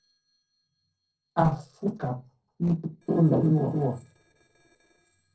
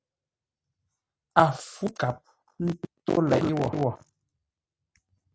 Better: second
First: noise reduction (neural separator model SepFormer DNS4)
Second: none

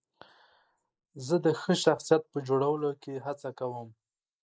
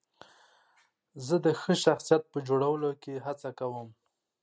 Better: second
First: noise reduction (neural mask model Resemble Enhance denoiser)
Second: none

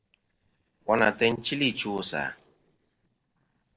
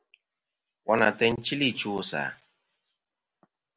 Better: second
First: noise reduction (neural separator model SepFormer DNS4)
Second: none

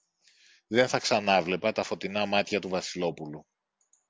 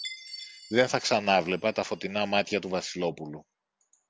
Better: first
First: none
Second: background sound (Chime); 19 dB below the speech

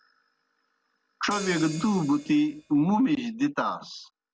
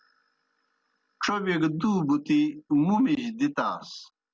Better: second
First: background sound (Hi-hat); 15 dB below the speech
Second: none

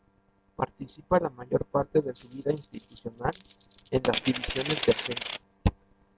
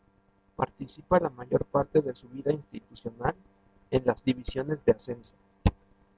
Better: second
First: background sound (Coin (dropping)); 7 dB below the speech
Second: none

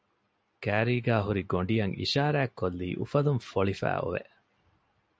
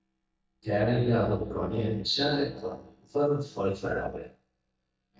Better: first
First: none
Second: noise reduction (neural mask model DeepFilterNet 3)

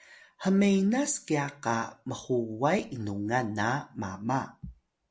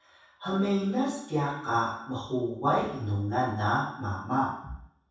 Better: first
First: none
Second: room echo; dies away in 0.7 s

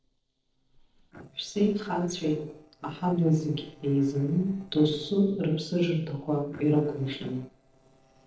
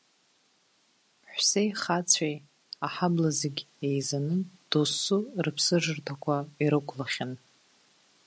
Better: second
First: noise reduction (neural separator model SepFormer DNS4)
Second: none

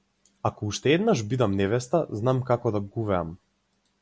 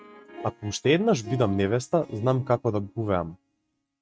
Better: first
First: none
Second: noise reduction (neural mask model RNNoise)

